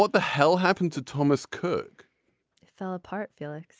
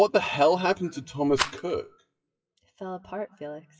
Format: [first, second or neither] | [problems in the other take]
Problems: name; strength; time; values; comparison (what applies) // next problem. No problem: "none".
first | noise reduction (classical method WPE with log-MMSE)